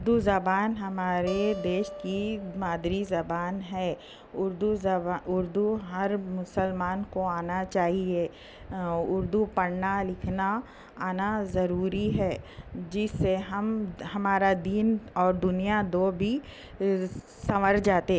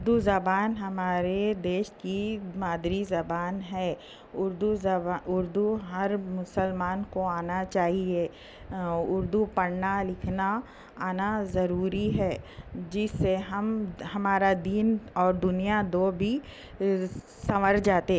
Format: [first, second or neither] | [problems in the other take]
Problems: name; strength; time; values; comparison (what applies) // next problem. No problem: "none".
second | background sound (Acoustic guitar); 13 dB below the speech